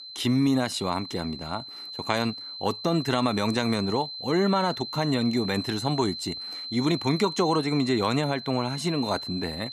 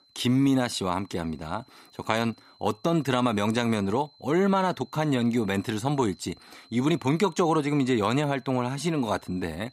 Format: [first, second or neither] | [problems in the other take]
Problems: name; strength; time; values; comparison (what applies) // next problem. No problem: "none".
second | high-pitched whine; loud; throughout; 4 kHz, 8 dB below the speech; faint in the second